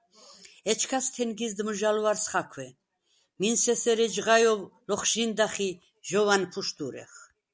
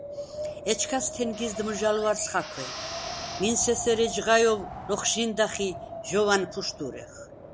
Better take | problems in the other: first | background sound (Drill + Wind); 10 dB below the speech

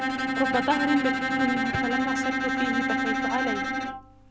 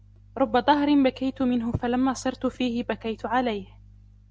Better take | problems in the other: second | background sound (Bowed string instrument); 3 dB above the speech

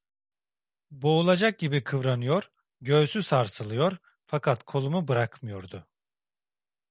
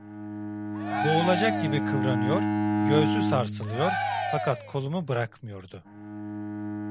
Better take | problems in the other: first | background sound (Cheering + Bowed string instrument); 1 dB above the speech

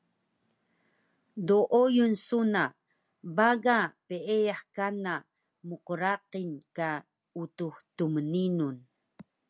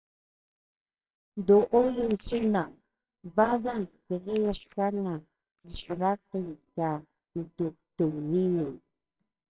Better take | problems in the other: first | noise reduction (neural separator model SepFormer WHAMR!)

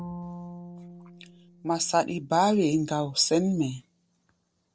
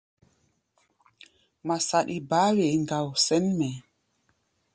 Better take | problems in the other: second | noise reduction (neural separator model SepFormer DNS4)

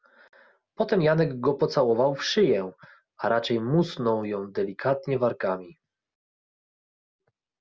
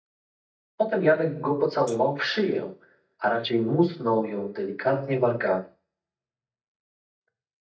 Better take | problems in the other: first | noise reduction (neural mask model DeepFilterNet 3)

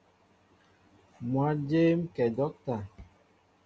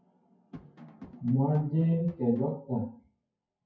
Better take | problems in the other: first | noise reduction (classical method WPE with log-MMSE)

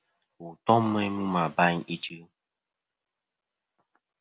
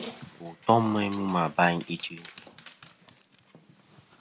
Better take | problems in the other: first | background sound (Dog); 19 dB below the speech

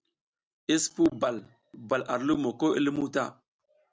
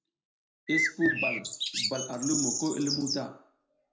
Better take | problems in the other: first | background sound (Bird); 2 dB above the speech // room echo; dies away in 0.5 s

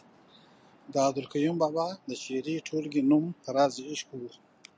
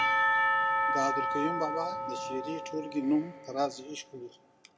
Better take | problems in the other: first | background sound (Church bell / Percussion); 3 dB above the speech // room echo; dies away in 0.6 s

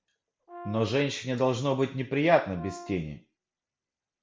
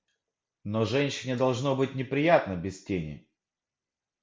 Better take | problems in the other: second | background sound (Brass instrument); 17 dB below the speech

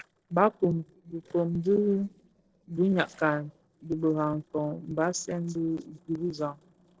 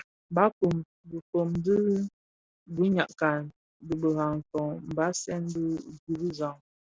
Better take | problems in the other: second | noise reduction (neural separator model SepFormer DNS4)

